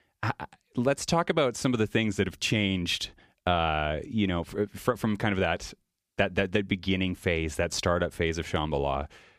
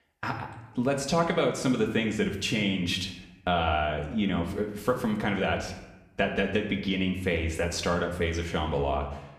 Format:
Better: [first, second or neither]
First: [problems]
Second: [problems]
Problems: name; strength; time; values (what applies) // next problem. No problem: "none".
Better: first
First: none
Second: room echo; slight; dies away in 0.8 s // off-mic speech; somewhat distant